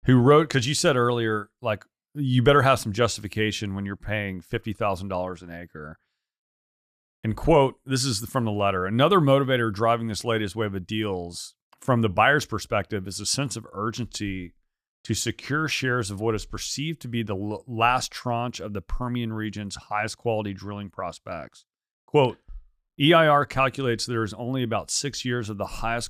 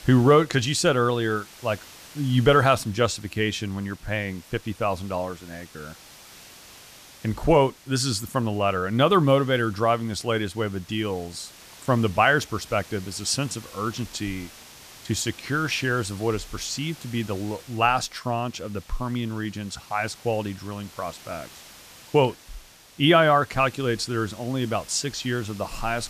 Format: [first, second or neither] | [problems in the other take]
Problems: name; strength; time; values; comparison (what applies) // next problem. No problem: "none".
first | hiss; faint; throughout; 20 dB below the speech